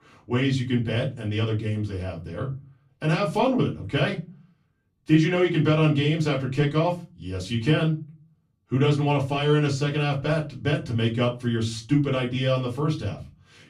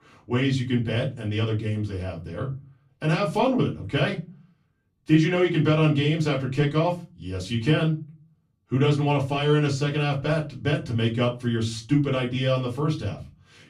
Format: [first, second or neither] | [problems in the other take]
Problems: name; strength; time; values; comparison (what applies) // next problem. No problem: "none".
neither | off-mic speech; far; the same in both // room echo; very slight; dies away in 0.3 s; the same in both